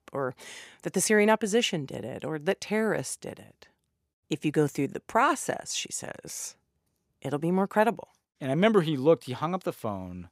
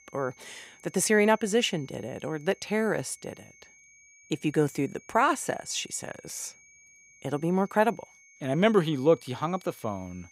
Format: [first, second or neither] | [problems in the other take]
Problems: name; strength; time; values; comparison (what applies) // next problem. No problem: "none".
first | high-pitched whine; faint; throughout; 2.5 kHz, 25 dB below the speech